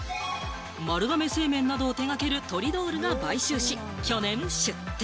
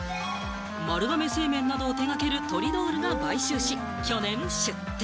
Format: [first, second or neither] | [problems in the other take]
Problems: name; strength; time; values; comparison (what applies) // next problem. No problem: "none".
first | background sound (Wind instrument, woodwind instrument); 4 dB below the speech